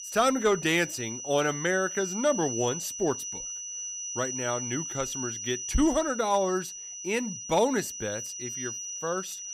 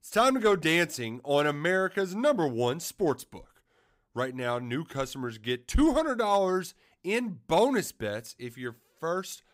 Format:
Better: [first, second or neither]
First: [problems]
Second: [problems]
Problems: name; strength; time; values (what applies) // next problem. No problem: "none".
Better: second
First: high-pitched whine; loud; throughout; 6 kHz, 6 dB below the speech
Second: none